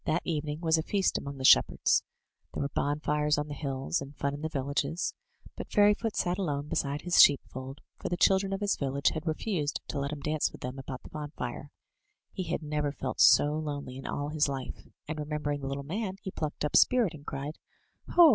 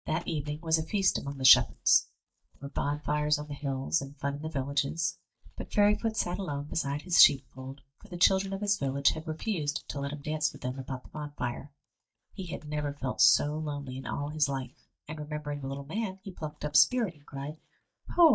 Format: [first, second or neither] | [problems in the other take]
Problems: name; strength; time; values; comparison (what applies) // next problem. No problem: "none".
first | noise reduction (neural mask model DeepFilterNet 3)